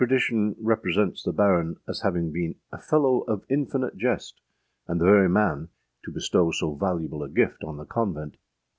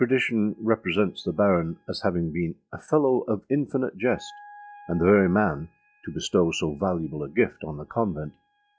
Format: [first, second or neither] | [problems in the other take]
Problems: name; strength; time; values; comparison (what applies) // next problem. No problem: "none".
first | noise reduction (classical method log-MMSE)